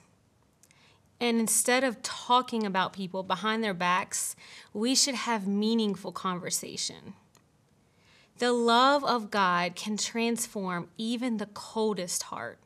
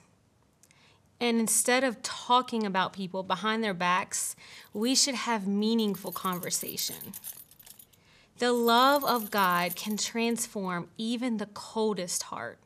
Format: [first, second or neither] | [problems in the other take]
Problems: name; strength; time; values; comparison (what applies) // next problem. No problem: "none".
first | jangling keys; noticeable; from 5 to 10 s; peak 9 dB below the speech